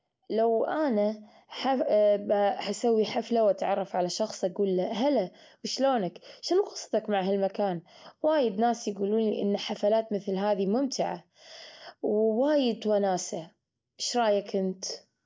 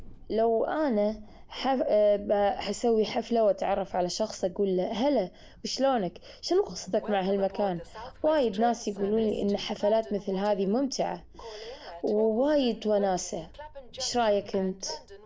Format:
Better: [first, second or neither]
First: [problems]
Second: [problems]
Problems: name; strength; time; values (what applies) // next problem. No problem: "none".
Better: first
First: none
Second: background sound (Train); 17 dB below the speech